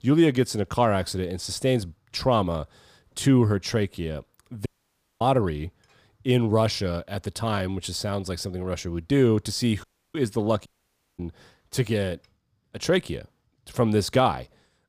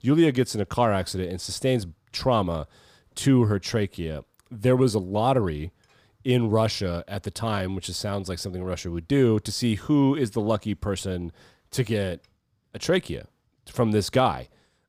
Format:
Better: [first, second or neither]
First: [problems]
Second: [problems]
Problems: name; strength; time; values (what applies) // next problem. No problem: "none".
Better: second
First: audio cutting out; at 4.5 s for 0.5 s, at 10 s and at 11 s for 0.5 s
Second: none